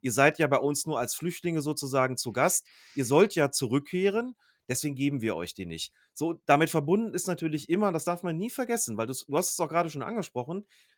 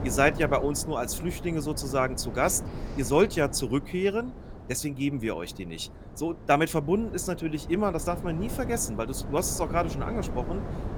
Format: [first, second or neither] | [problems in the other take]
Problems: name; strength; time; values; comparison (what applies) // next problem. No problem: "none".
first | wind noise on the microphone; occasional gusts; 15 dB below the speech